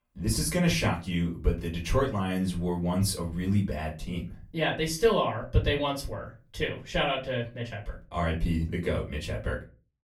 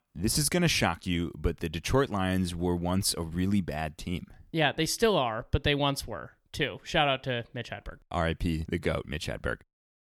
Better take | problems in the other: second | off-mic speech; far // room echo; very slight; dies away in 0.3 s

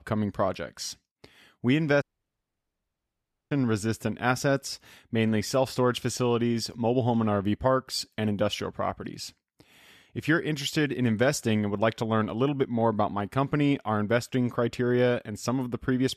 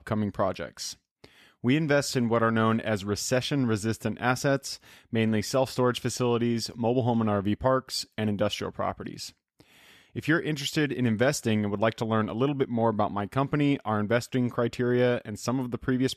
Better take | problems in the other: second | audio cutting out; at 2 s for 1.5 s

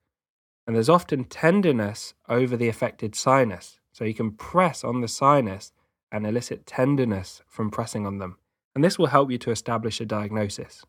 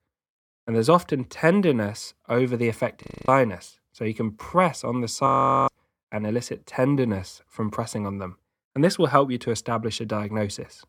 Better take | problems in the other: first | audio freezing; at 3 s and at 5.5 s

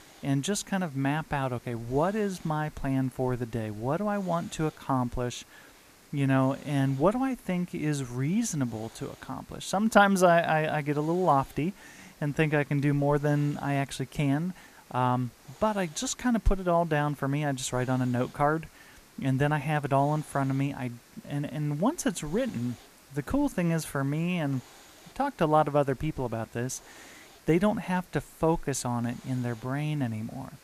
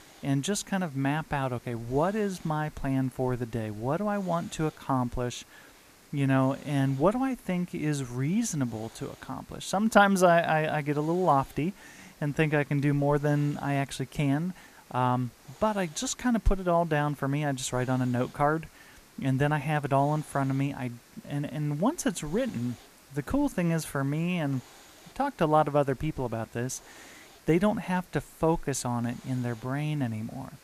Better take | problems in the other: neither | hiss; faint; throughout; 25 dB below the speech; the same in both

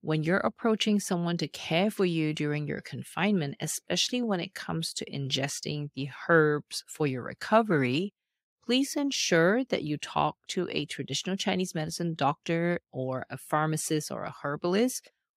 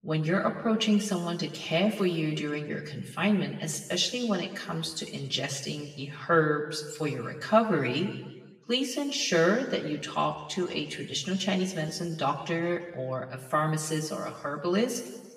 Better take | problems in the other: first | room echo; slight; dies away in 1.2 s // off-mic speech; far

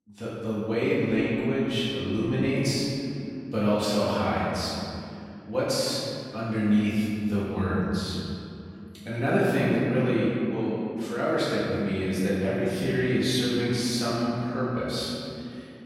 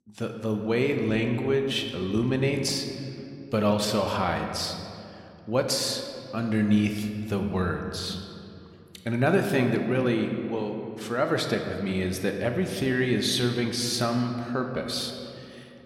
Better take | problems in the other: second | room echo; strong; dies away in 2.8 s; slight in the second // off-mic speech; far

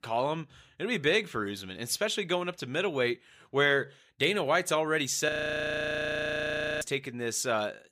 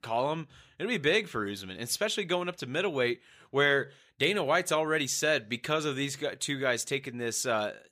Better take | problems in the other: second | audio freezing; at 5.5 s for 1.5 s

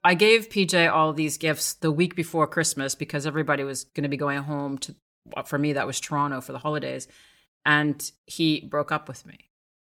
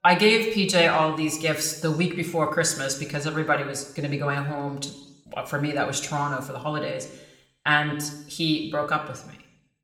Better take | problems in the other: first | room echo; slight; dies away in 0.8 s

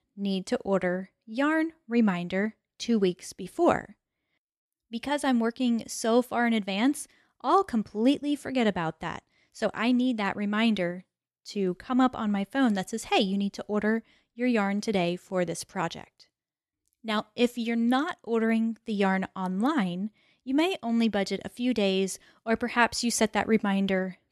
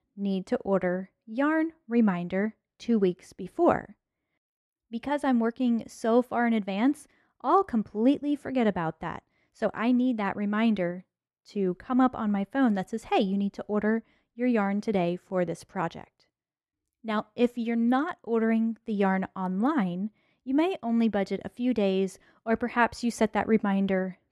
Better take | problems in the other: first | muffled; slightly; fading above 2.5 kHz

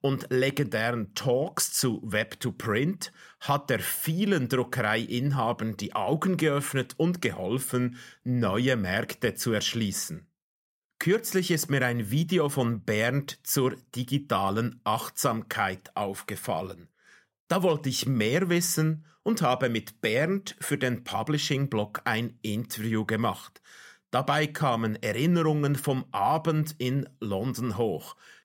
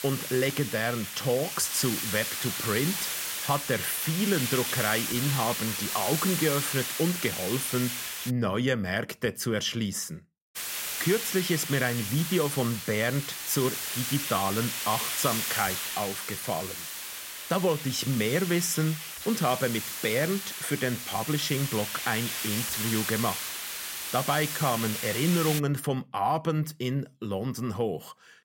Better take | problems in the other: first | hiss; loud; until 8.5 s and from 11 to 26 s; 3 dB below the speech

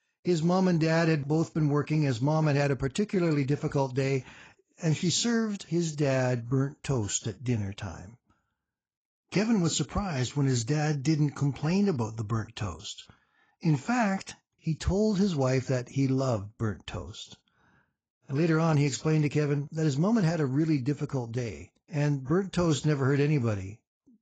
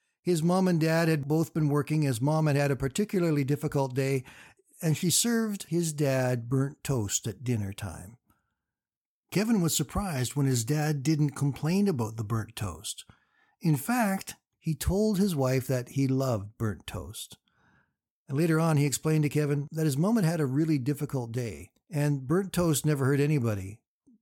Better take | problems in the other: second | garbled, watery; badly; nothing above 7.5 kHz

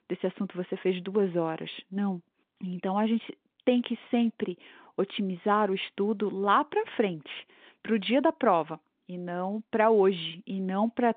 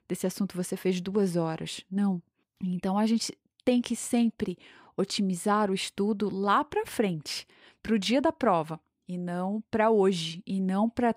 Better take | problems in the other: second | phone-call audio

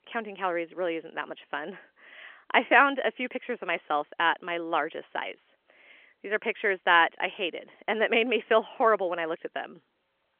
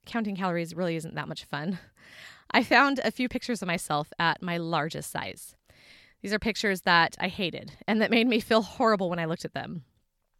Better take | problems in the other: second | phone-call audio; nothing above 3 kHz

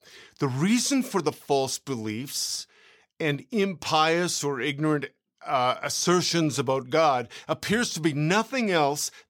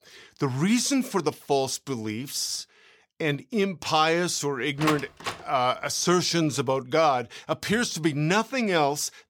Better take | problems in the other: first | door banging; noticeable; at 5 s; peak 4 dB below the speech

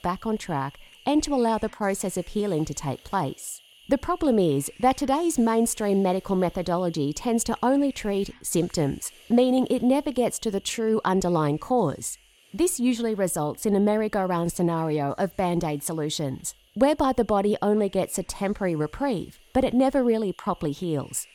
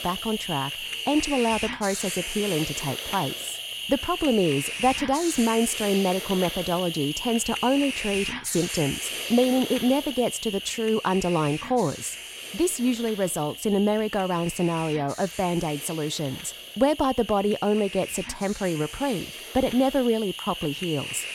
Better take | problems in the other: first | hiss; loud; throughout; 6 dB below the speech; faint in the first

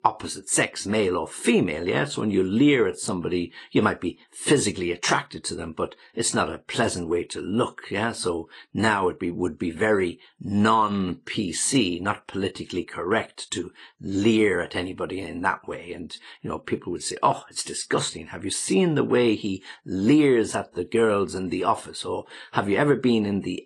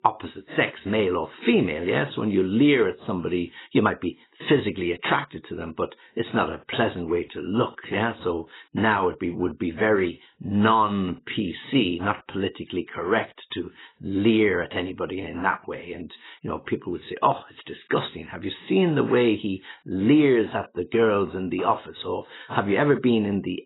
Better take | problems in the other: first | garbled, watery; badly; nothing above 4 kHz; slightly in the first

